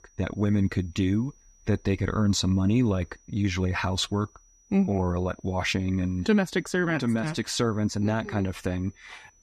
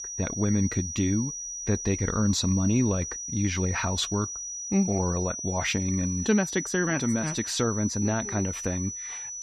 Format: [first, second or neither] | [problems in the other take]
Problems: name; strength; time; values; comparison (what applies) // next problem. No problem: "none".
first | high-pitched whine; loud; throughout; 6 kHz, 5 dB below the speech; faint in the first